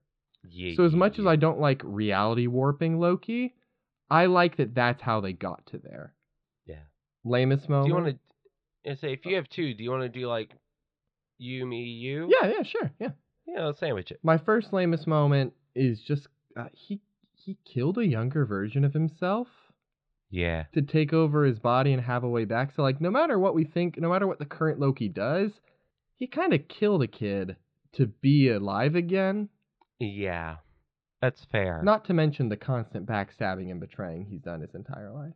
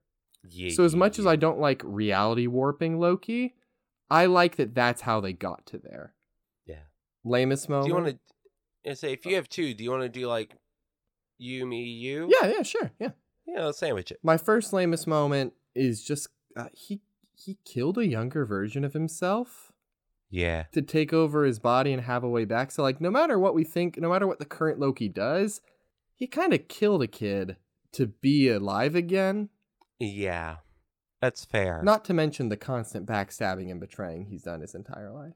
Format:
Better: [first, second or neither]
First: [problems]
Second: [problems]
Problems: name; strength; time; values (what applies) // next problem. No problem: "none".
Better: second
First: muffled; very slightly; fading above 4 kHz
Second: none